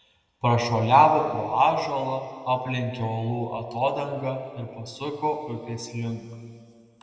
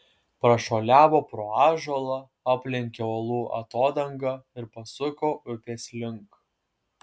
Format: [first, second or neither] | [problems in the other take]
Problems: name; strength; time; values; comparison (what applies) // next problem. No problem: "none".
second | room echo; dies away in 2.3 s